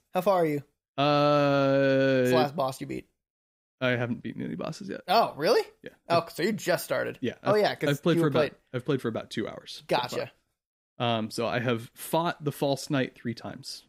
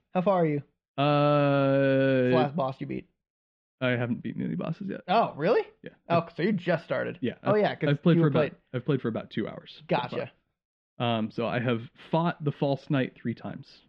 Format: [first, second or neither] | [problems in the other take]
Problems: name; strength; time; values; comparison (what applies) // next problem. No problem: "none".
first | muffled; slightly; fading above 3 kHz